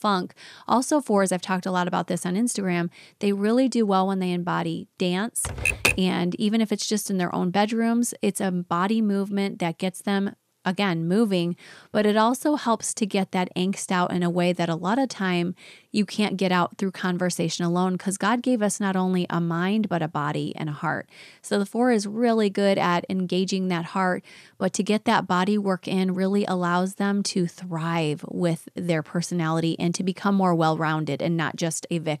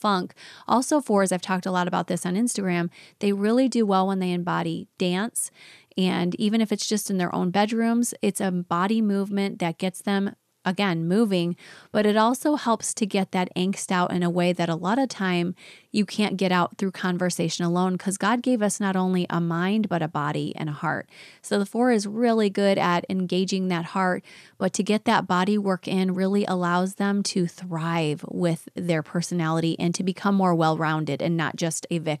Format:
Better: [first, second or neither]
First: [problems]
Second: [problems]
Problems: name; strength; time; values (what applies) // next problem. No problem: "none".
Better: second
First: keyboard typing; loud; at 5.5 s; peak 3 dB above the speech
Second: none